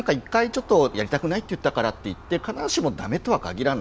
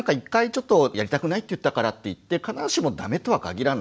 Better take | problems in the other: second | background sound (Aircraft); 19 dB below the speech

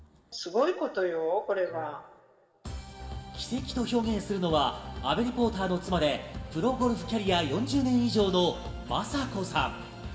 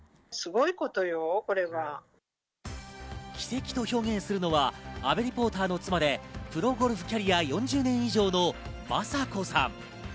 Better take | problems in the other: second | room echo; dies away in 2.9 s

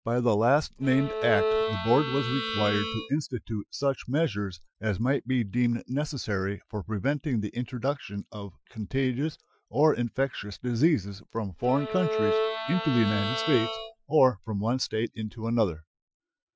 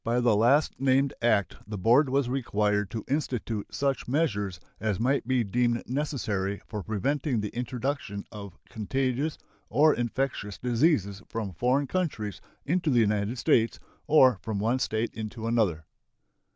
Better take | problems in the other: second | noise reduction (classical method Wiener filter)

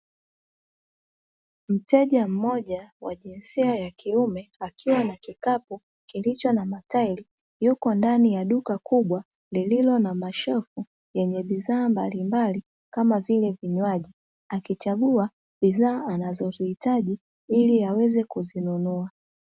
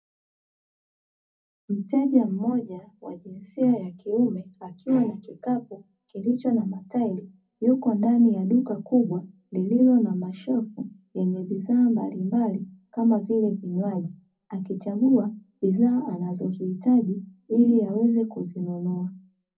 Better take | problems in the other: first | room echo; dies away in 0.4 s

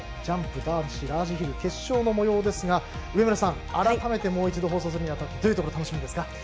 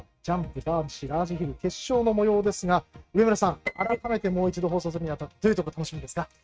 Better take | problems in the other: first | noise reduction (neural mask model RNNoise)

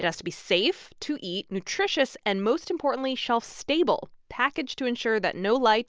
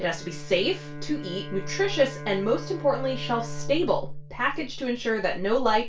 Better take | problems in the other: first | background sound (Bowed string instrument); 13 dB below the speech // room echo; dies away in 0.2 s

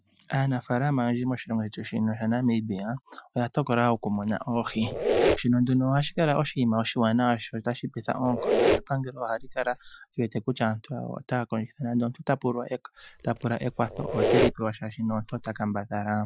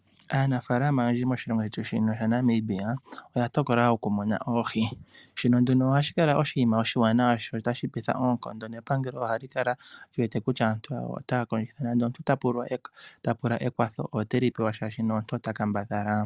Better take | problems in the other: second | noise reduction (classical method Wiener filter)

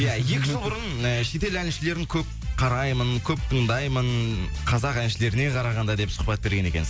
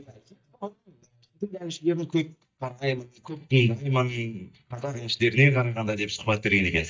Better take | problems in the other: first | noise reduction (neural mask model DeepFilterNet 3)

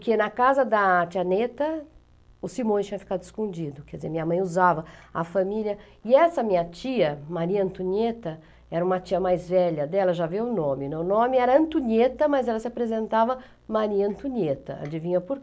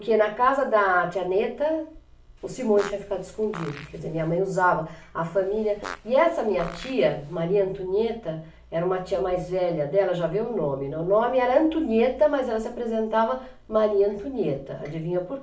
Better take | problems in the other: first | background sound (Fart); 17 dB below the speech // room echo; dies away in 0.4 s

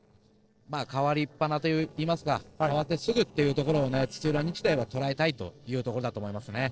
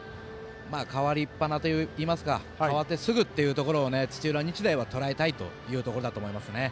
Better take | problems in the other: second | noise reduction (neural separator model SepFormer DNS4)

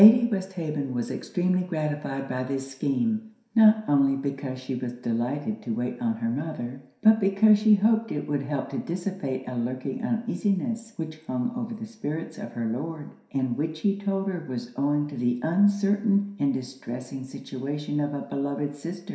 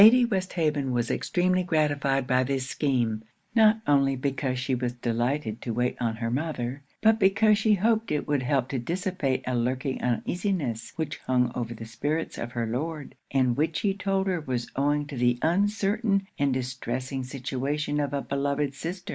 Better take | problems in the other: second | room echo; dies away in 0.7 s

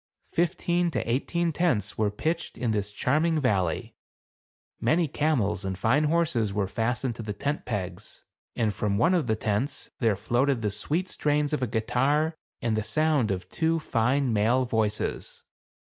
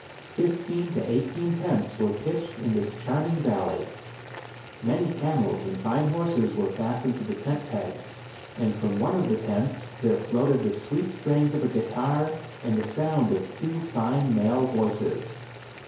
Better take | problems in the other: first | background sound (Boiling); 17 dB below the speech // room echo; dies away in 2.4 s

